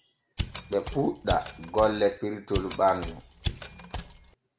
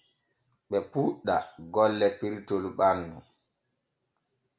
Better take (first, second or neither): second